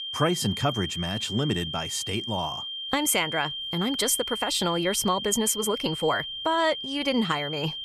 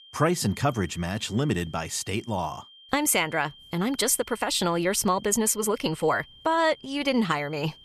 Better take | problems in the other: second | high-pitched whine; loud; throughout; 3 kHz, 5 dB below the speech; faint in the second

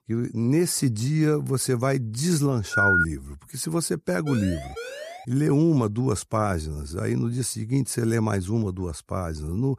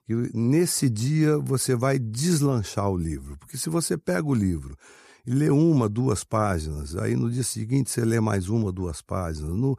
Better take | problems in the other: second | phone ringing; loud; at 2.5 s; peak 5 dB above the speech // siren; faint; at 4.5 s; peak 10 dB below the speech

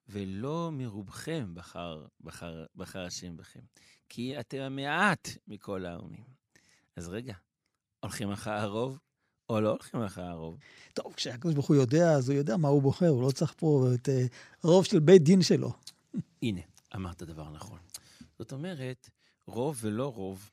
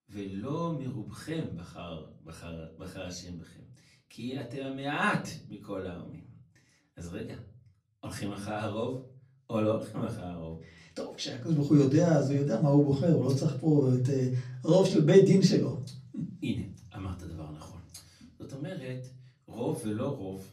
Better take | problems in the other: first | off-mic speech; far // room echo; very slight; dies away in 0.4 s

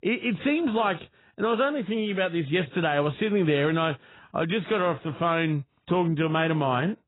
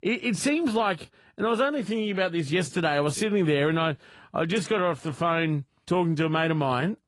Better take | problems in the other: second | garbled, watery; badly; nothing above 4 kHz; slightly in the second

